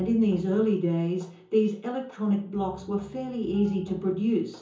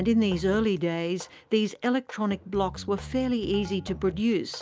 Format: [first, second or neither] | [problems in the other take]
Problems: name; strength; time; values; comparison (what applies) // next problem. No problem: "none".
second | room echo; dies away in 0.6 s